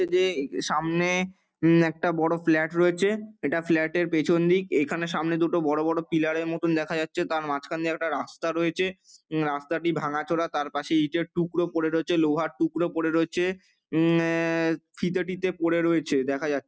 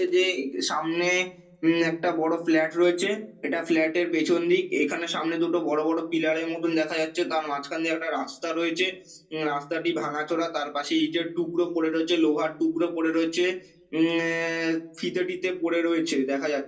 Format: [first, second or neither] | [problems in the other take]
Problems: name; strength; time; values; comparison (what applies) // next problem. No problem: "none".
first | room echo; dies away in 0.3 s